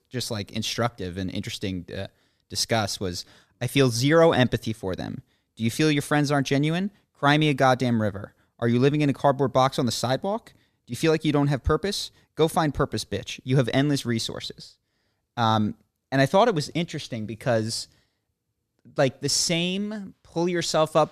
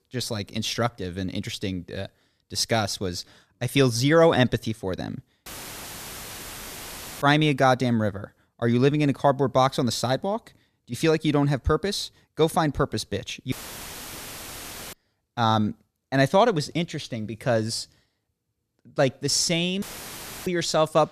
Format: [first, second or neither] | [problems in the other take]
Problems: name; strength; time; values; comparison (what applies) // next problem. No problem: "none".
first | audio cutting out; filled with static; at 5.5 s for 2 s, at 14 s for 1.5 s and at 20 s for 0.5 s